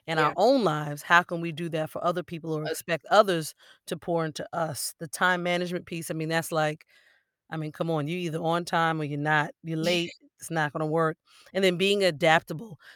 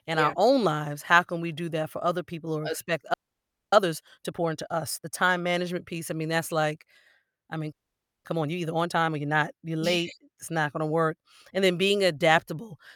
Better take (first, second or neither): first